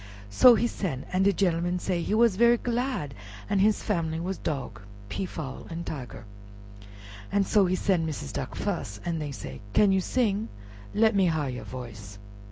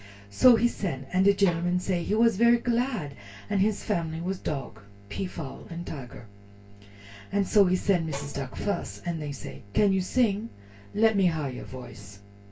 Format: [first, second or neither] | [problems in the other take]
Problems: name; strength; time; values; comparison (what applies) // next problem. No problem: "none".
first | background sound (Bowed string instrument); 18 dB below the speech // room echo; dies away in 0.2 s